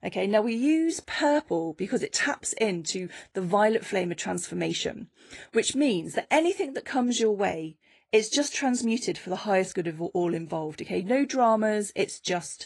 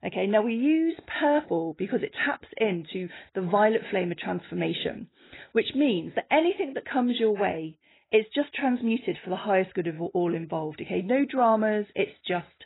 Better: first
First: garbled, watery; slightly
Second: garbled, watery; badly; nothing above 4 kHz

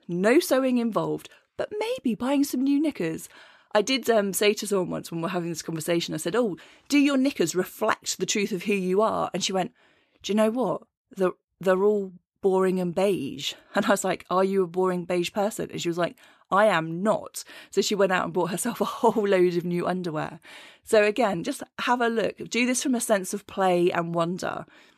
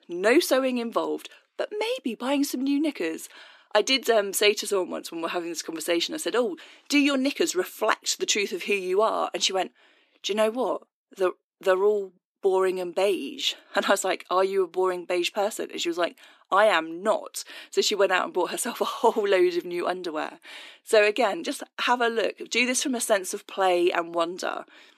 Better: first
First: none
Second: thin; very slightly; fading below 250 Hz

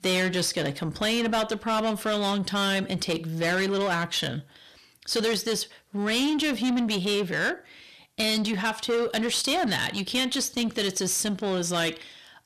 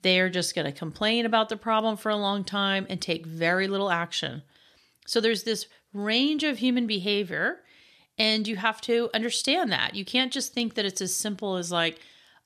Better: second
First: distortion; heavy; 7 dB below the speech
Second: none

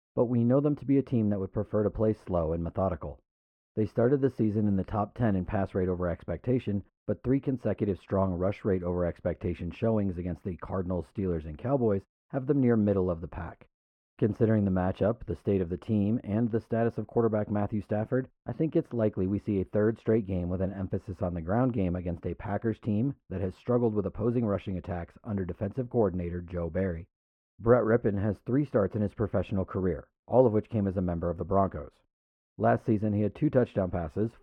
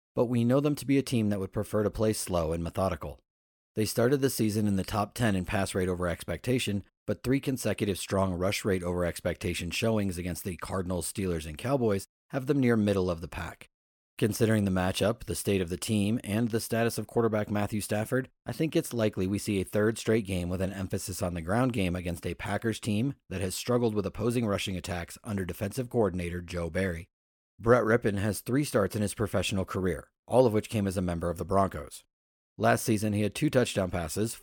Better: second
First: muffled; very; fading above 3 kHz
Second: none

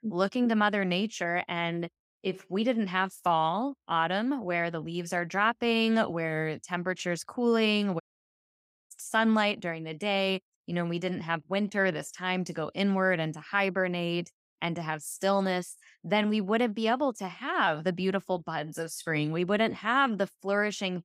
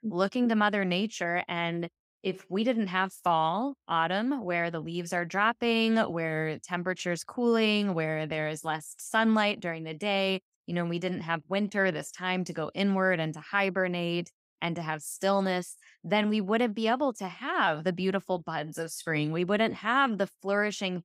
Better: second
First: audio cutting out; at 8 s for 1 s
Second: none

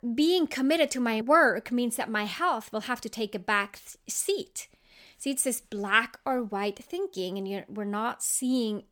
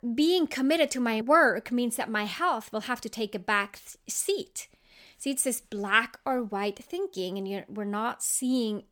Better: neither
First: none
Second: none

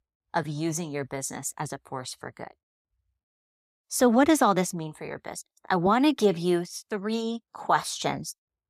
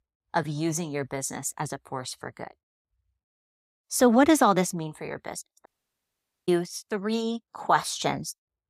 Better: first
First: none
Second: audio cutting out; at 5.5 s for 1 s

